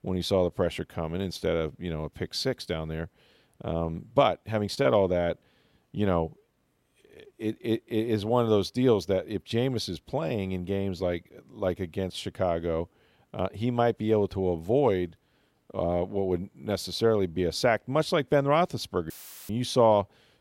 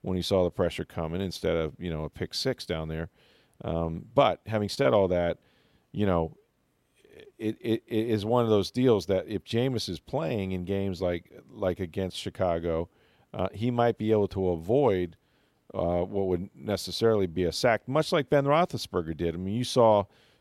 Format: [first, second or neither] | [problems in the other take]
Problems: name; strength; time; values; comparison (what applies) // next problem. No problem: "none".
second | audio cutting out; filled with static; at 19 s